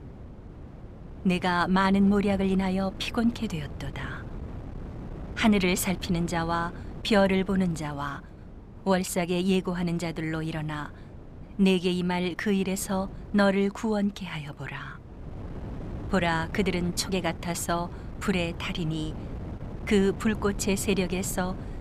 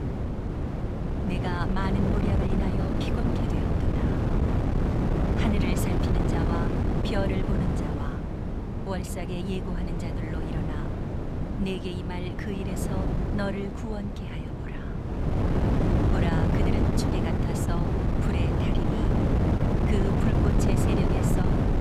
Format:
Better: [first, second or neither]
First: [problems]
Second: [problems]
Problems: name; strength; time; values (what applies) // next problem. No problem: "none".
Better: first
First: wind noise on the microphone; occasional gusts; 20 dB below the speech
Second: wind noise on the microphone; heavy; 4 dB above the speech